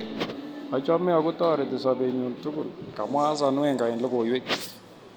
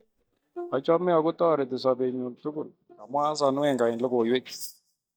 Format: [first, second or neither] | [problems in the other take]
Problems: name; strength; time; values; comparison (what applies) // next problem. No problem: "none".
first | noise reduction (neural mask model DeepFilterNet 3)